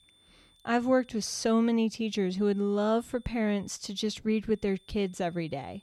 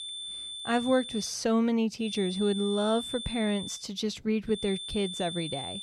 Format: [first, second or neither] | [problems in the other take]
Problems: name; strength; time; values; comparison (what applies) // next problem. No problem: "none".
first | high-pitched whine; loud; until 1.5 s, from 2 to 4 s and from 4.5 s on; 3.5 kHz, 8 dB below the speech; faint in the first